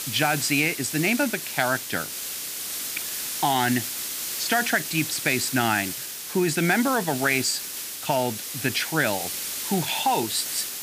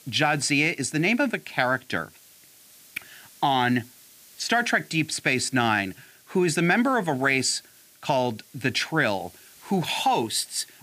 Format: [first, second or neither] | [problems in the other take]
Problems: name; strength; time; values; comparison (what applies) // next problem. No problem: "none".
second | hiss; loud; throughout; 5 dB below the speech; faint in the second